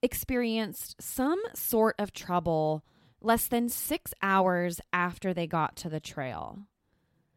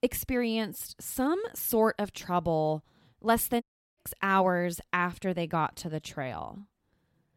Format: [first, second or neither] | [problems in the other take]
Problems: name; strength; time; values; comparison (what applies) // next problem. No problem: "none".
first | audio cutting out; at 3.5 s